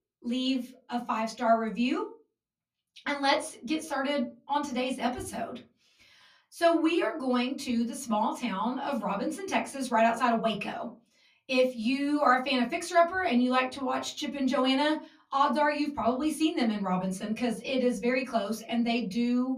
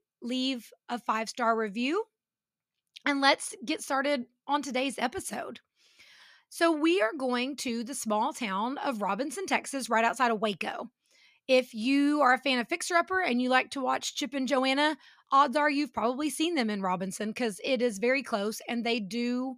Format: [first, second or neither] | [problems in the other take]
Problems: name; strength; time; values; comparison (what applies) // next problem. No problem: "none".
second | off-mic speech; far // room echo; very slight; dies away in 0.3 s